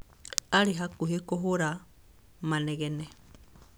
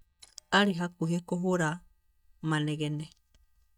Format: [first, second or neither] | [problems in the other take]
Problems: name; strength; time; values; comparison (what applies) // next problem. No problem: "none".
first | noise reduction (neural mask model DeepFilterNet 3)